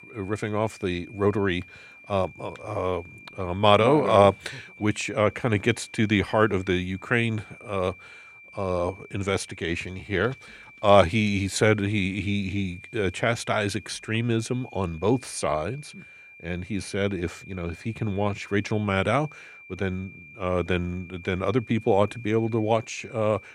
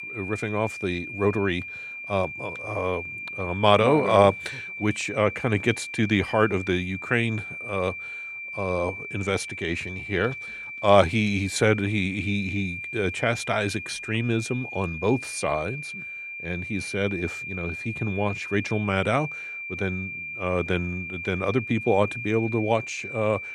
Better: first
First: high-pitched whine; faint; throughout; 2.5 kHz, 20 dB below the speech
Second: high-pitched whine; loud; throughout; 2.5 kHz, 8 dB below the speech

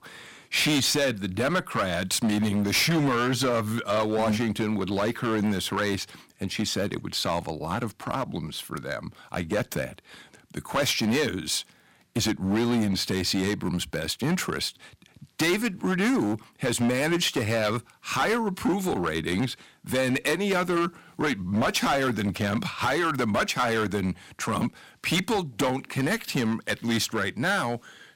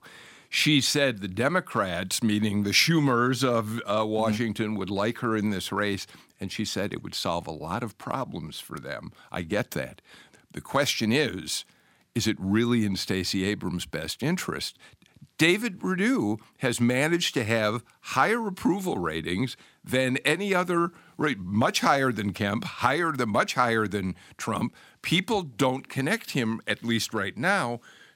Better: second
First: distortion; heavy; 11% of the sound clipped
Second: none

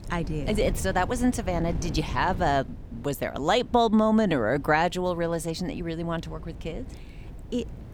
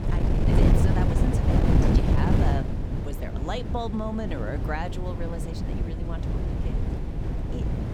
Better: first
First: wind noise on the microphone; occasional gusts; 20 dB below the speech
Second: wind noise on the microphone; heavy; 1 dB above the speech

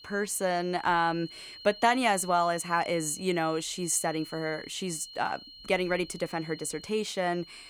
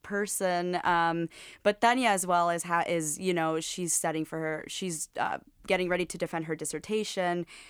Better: second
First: high-pitched whine; noticeable; throughout; 4 kHz, 15 dB below the speech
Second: none

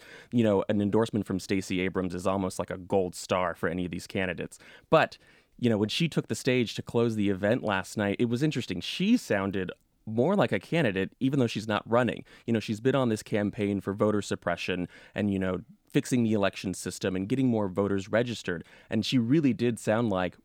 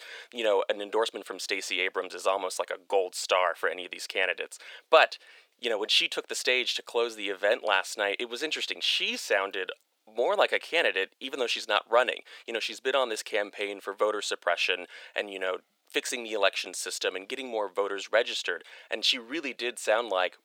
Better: first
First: none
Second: thin; very; fading below 450 Hz

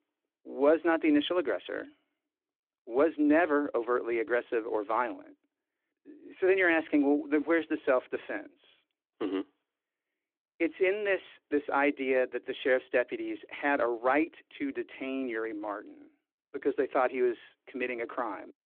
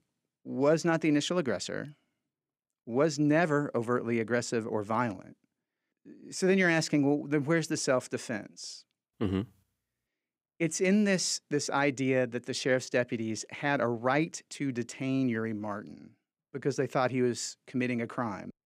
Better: second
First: phone-call audio; nothing above 3.5 kHz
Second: none

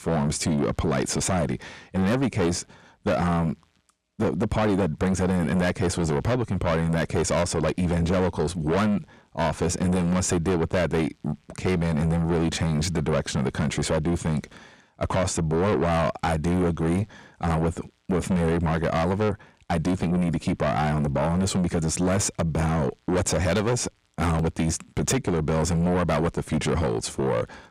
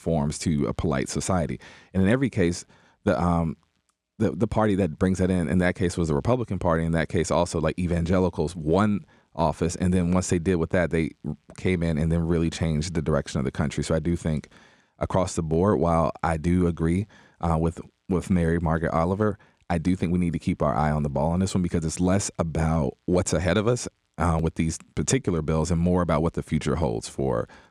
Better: second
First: distortion; heavy; 6 dB below the speech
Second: none

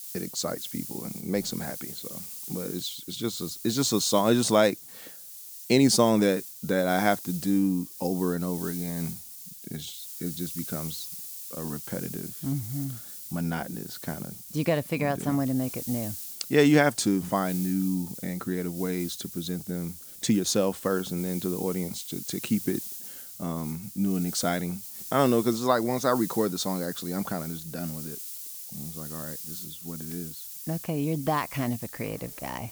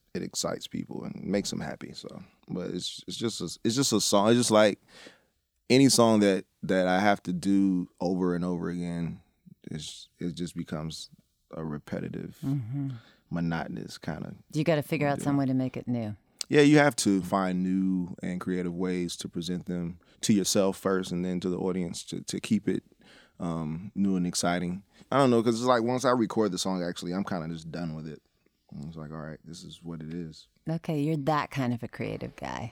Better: second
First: hiss; loud; throughout; 8 dB below the speech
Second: none

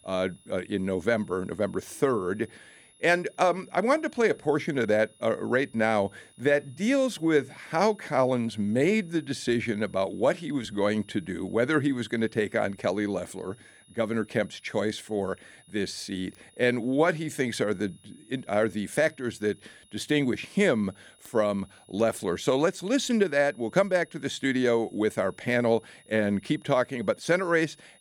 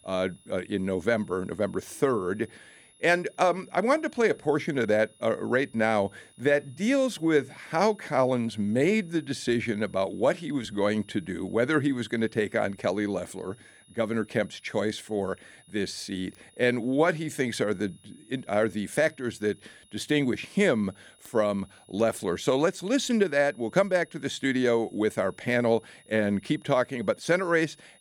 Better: neither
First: high-pitched whine; faint; throughout; 10.5 kHz, 30 dB below the speech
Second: high-pitched whine; faint; throughout; 10.5 kHz, 30 dB below the speech

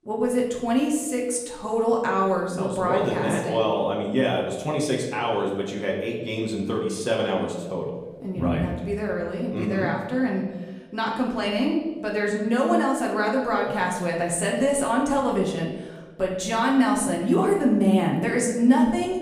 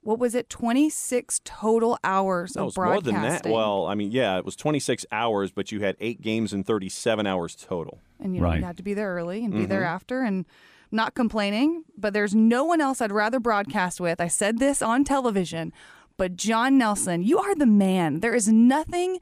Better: second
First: room echo; noticeable; dies away in 1 s // off-mic speech; far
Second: none

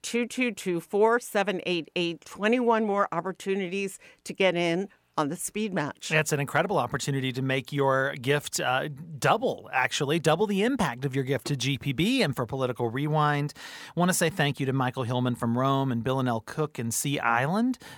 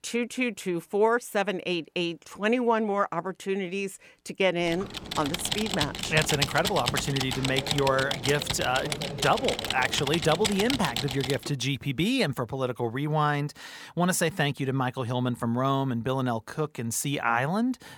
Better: first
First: none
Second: keyboard typing; loud; from 4.5 to 11 s; peak 1 dB above the speech

